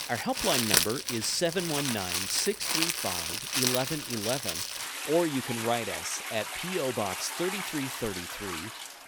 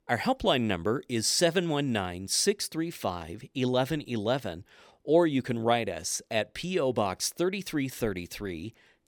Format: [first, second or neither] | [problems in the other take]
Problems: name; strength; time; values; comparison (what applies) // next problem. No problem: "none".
second | household noises; very loud; throughout; 1 dB above the speech